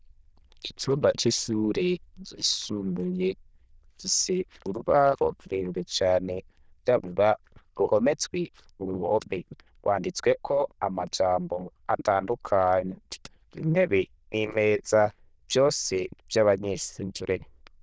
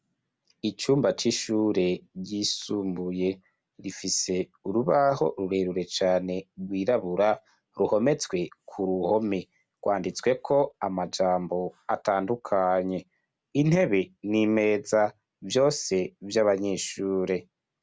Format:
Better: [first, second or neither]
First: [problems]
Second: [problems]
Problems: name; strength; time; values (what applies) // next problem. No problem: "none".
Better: second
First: noise reduction (neural diffusion model UNIVERSE++)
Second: none